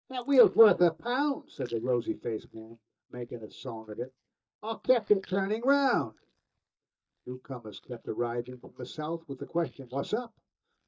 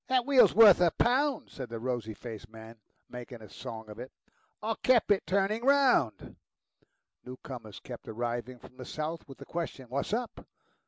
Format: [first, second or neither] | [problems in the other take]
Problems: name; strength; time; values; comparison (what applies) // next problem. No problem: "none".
second | noise reduction (neural mask model DeepFilterNet 3)